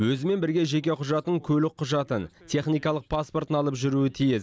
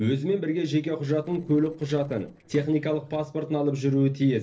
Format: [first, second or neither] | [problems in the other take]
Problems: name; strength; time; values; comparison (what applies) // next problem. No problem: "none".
first | noise reduction (neural separator model SepFormer DNS4)